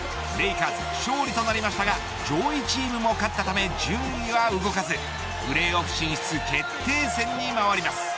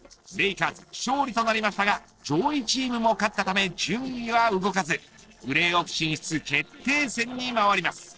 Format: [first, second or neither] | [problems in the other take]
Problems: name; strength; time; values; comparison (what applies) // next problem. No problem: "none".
first | noise reduction (neural separator model SepFormer DNS4)